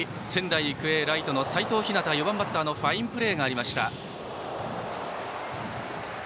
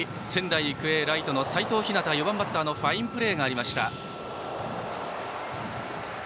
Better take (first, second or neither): first